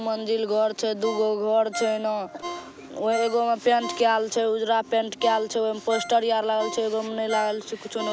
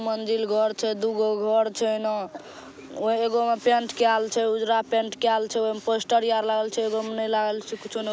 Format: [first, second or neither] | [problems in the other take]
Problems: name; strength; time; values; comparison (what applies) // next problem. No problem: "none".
second | background sound (Ringtone); 14 dB below the speech